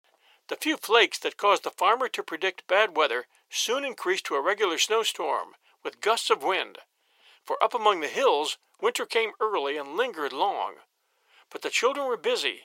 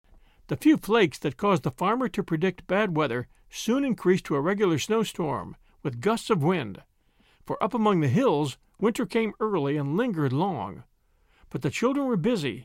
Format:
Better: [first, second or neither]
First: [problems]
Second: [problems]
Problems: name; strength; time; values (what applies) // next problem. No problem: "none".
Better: second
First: thin; very; fading below 450 Hz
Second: none